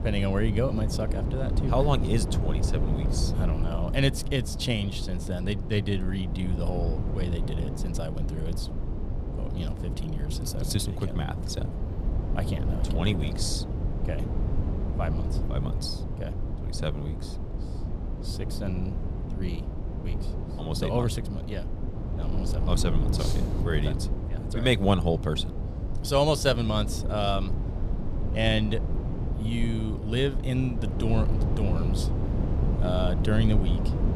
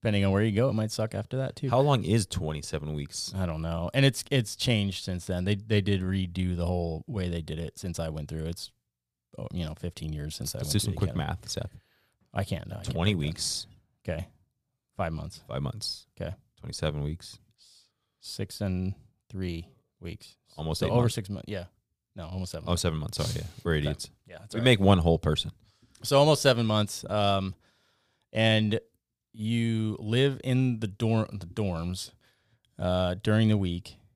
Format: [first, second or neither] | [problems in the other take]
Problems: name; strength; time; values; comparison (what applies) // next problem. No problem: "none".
second | low rumble; loud; throughout; 8 dB below the speech